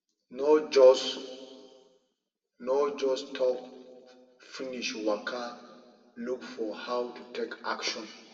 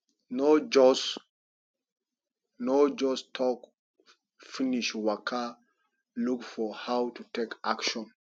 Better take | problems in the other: second | room echo; dies away in 1.7 s

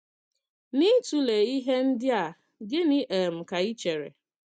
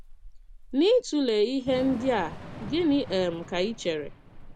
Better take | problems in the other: first | background sound (Thunder / Rain); 15 dB below the speech

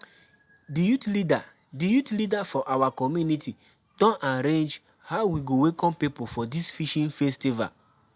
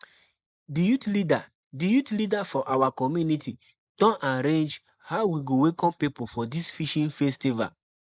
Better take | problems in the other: first | noise reduction (neural mask model Resemble Enhance denoiser)

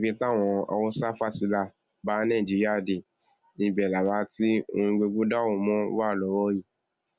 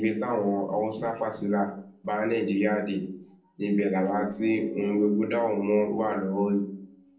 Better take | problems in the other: first | noise reduction (neural separator model SepFormer DNS4)

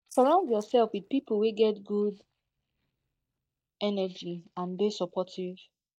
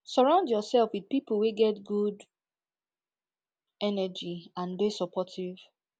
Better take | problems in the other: second | noise reduction (neural mask model DeepFilterNet 3)

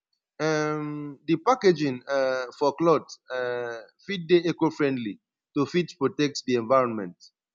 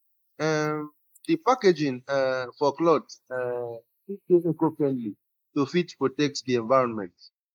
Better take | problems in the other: first | noise reduction (neural mask model Resemble Enhance denoiser)

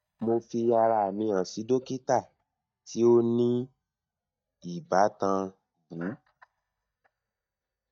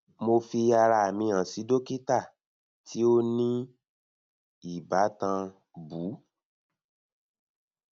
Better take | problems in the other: second | noise reduction (neural mask model DeepFilterNet 3)

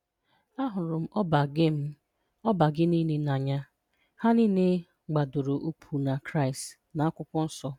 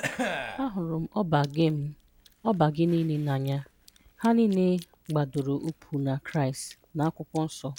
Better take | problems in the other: first | background sound (Chewing, mastication / Cough); 14 dB below the speech

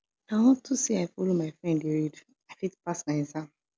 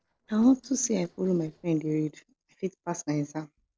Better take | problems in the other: first | noise reduction (neural separator model SepFormer DNS4)

